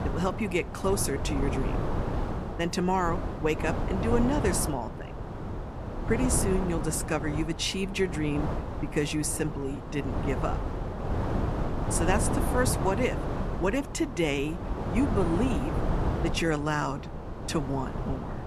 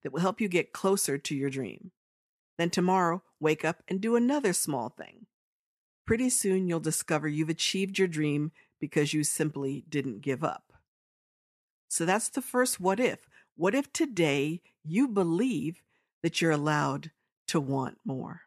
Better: second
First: wind noise on the microphone; heavy; 5 dB below the speech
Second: none

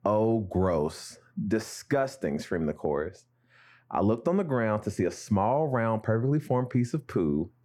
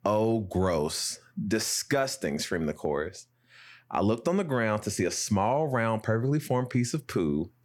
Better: second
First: muffled; slightly; fading above 2 kHz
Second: none

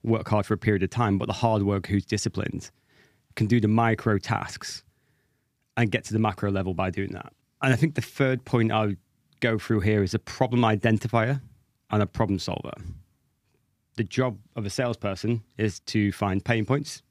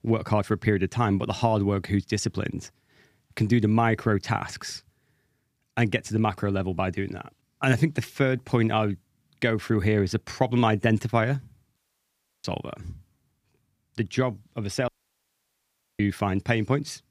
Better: first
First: none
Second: audio cutting out; at 12 s for 0.5 s and at 15 s for 1 s

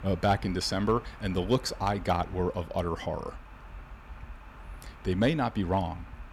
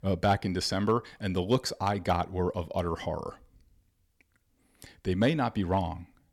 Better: second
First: wind noise on the microphone; occasional gusts; 20 dB below the speech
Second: none

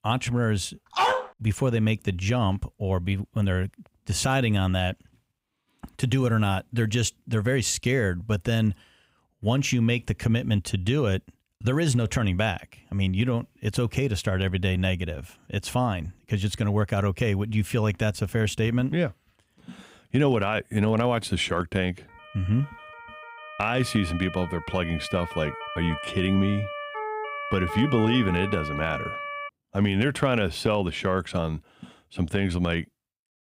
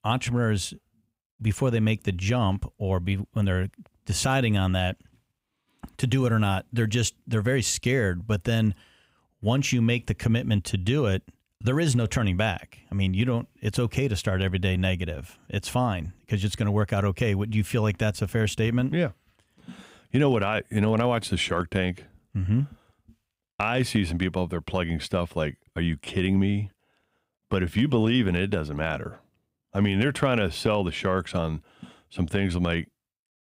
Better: second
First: dog barking; loud; at 1 s; peak 2 dB above the speech // siren; noticeable; from 22 to 29 s; peak 6 dB below the speech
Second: none

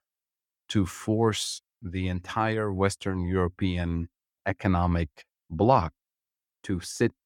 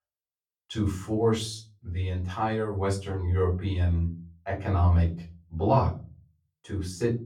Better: first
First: none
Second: off-mic speech; far // room echo; slight; dies away in 0.4 s

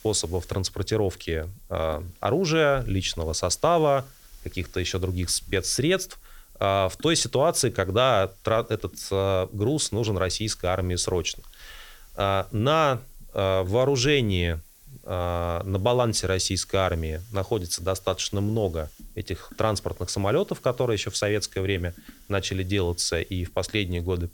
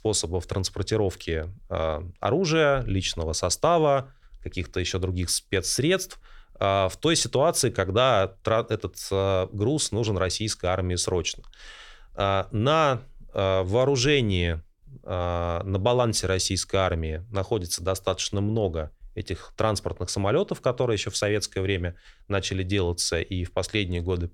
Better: second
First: hiss; faint; throughout; 25 dB below the speech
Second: none

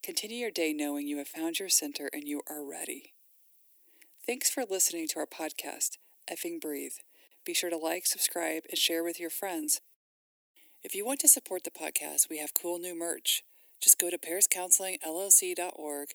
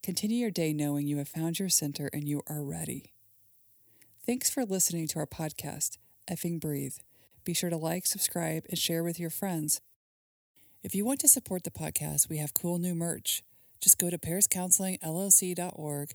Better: second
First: thin; somewhat; fading below 300 Hz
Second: none

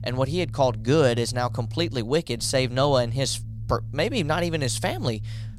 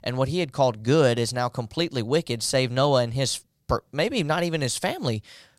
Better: second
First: low rumble; faint; throughout; 25 dB below the speech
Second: none

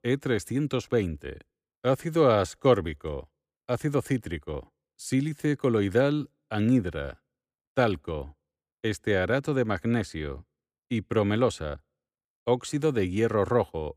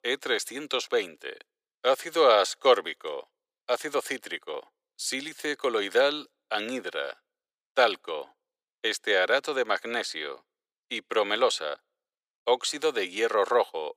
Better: first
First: none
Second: thin; very; fading below 500 Hz

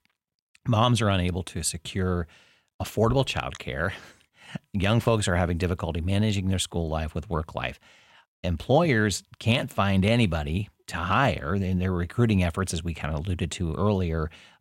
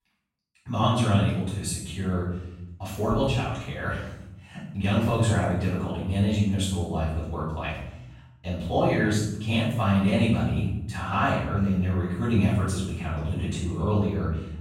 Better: first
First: none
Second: off-mic speech; far // room echo; strong; dies away in 0.9 s

